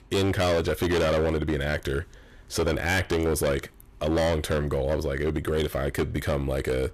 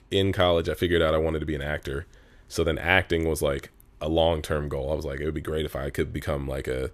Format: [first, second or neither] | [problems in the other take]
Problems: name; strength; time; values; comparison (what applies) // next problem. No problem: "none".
second | distortion; heavy; 15% of the sound clipped